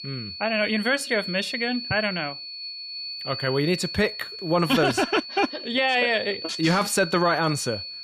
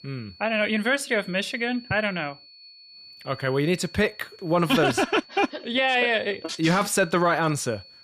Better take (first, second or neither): second